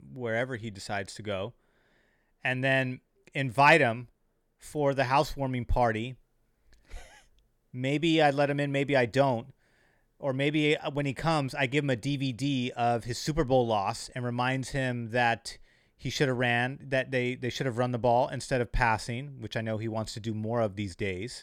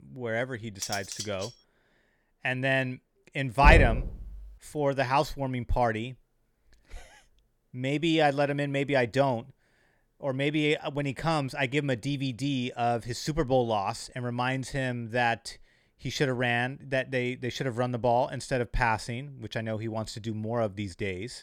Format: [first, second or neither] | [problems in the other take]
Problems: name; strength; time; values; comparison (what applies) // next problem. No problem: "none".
first | clattering dishes; noticeable; at 1 s; peak 6 dB below the speech // door banging; loud; at 3.5 s; peak 5 dB above the speech